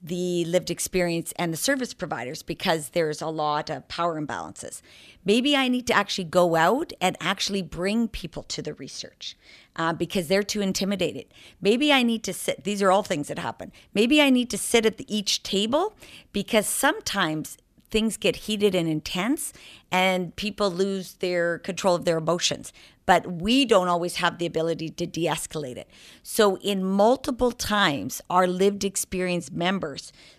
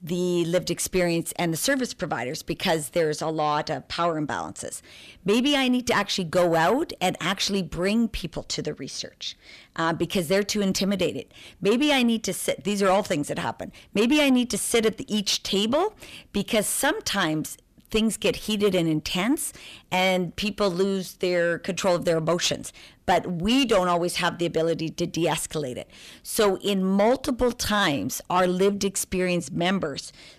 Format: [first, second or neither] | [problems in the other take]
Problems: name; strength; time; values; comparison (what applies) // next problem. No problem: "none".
first | distortion; slight; 10 dB below the speech